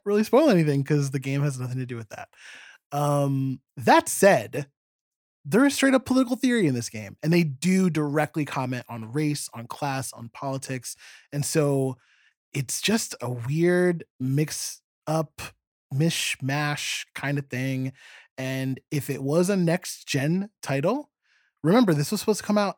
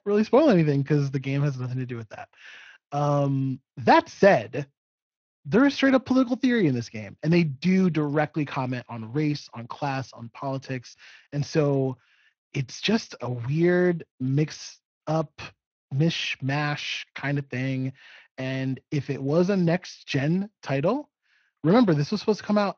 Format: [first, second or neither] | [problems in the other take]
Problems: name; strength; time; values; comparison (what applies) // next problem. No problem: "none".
first | garbled, watery; slightly; nothing above 6.5 kHz